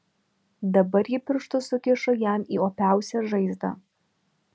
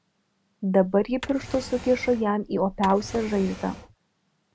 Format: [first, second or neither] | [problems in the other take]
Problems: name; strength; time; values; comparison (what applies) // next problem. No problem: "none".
first | background sound (Drawer open or close); 15 dB below the speech